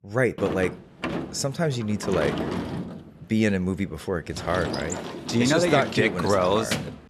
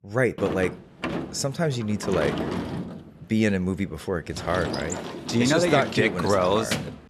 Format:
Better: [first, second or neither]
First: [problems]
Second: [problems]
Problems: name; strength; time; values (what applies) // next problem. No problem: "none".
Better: neither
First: door banging; noticeable; peak 3 dB below the speech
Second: door banging; noticeable; peak 3 dB below the speech